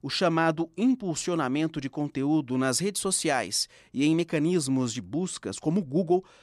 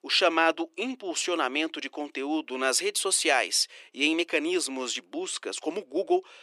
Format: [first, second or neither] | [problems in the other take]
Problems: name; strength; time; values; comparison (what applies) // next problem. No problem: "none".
first | thin; somewhat; fading below 350 Hz